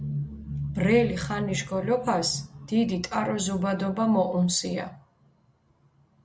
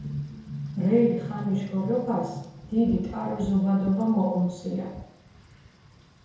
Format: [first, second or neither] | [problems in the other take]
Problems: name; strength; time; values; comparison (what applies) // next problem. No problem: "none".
first | background sound (Wind / Rain); 19 dB below the speech // room echo; dies away in 0.9 s